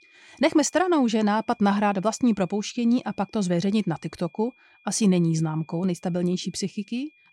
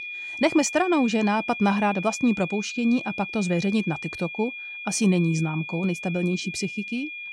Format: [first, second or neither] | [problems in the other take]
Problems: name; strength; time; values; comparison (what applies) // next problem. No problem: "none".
first | high-pitched whine; loud; throughout; 2.5 kHz, 8 dB below the speech; faint in the first